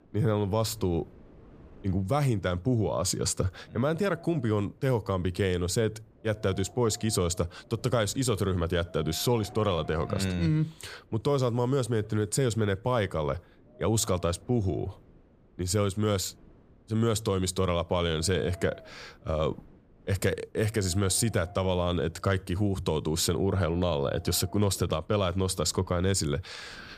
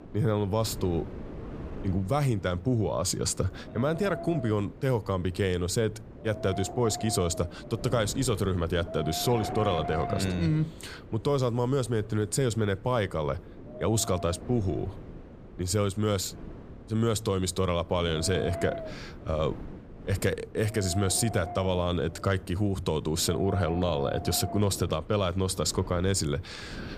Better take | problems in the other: first | wind noise on the microphone; heavy; 10 dB below the speech; occasional gusts in the first

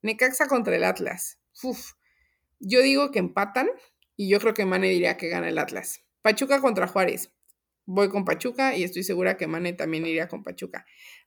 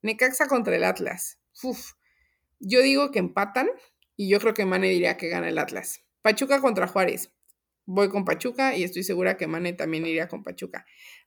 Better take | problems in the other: neither | none

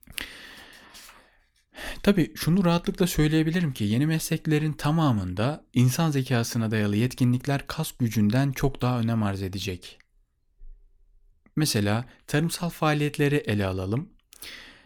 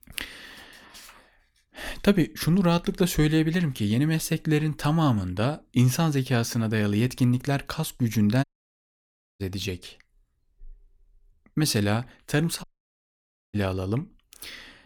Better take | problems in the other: first | audio cutting out; at 8.5 s for 1 s and at 13 s for 1 s

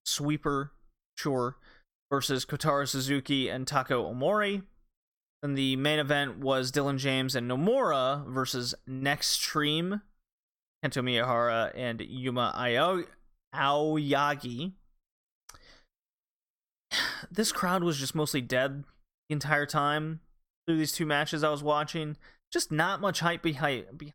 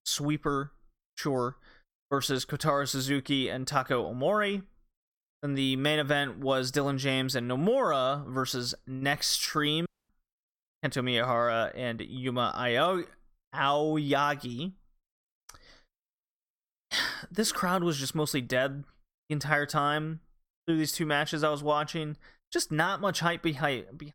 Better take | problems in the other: first | audio cutting out; at 10 s

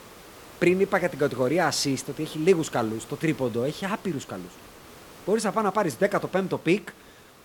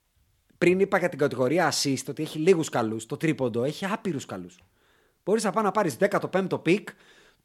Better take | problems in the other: second | hiss; faint; throughout; 20 dB below the speech

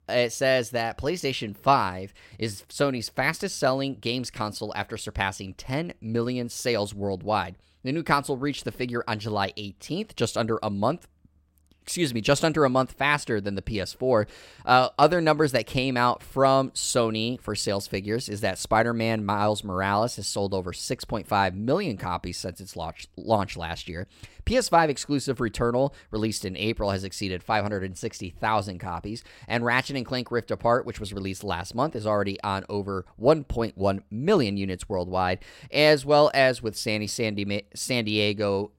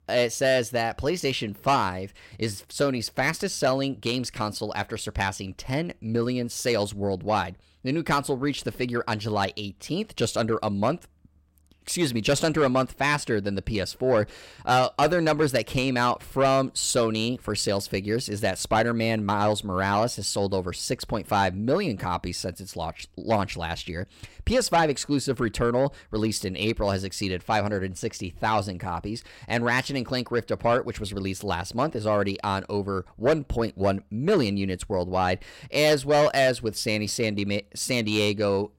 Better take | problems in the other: first | distortion; slight; 10 dB below the speech

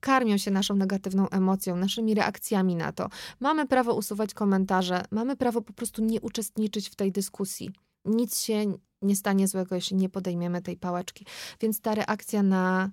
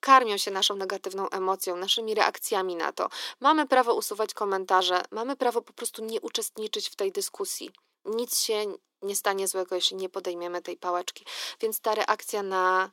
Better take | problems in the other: first | thin; very; fading below 300 Hz

